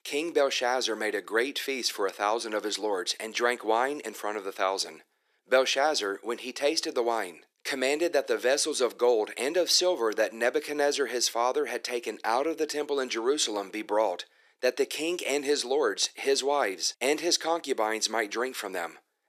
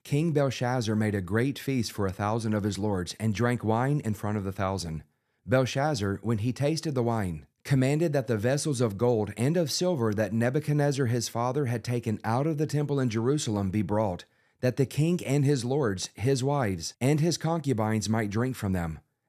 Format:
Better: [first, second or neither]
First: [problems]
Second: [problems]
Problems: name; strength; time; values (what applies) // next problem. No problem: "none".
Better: second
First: thin; very; fading below 350 Hz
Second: none